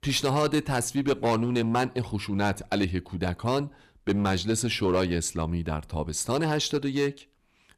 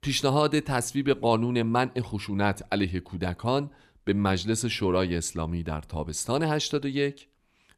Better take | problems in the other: second | distortion; slight; 7% of the sound clipped

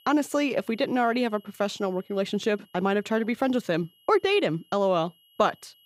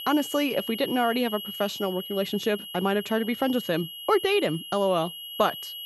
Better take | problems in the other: first | high-pitched whine; loud; throughout; 3 kHz, 9 dB below the speech; faint in the first

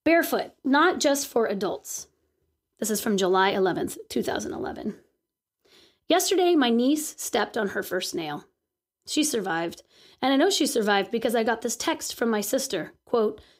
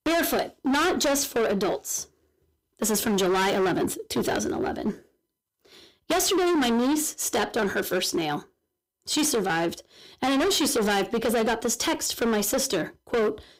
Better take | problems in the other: first | distortion; heavy; 20% of the sound clipped

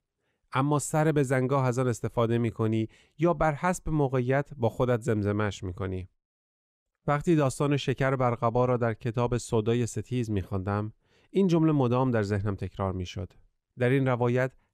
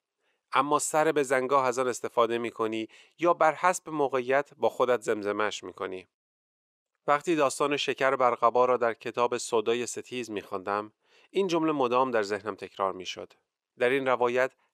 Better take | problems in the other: first | thin; very; fading below 450 Hz

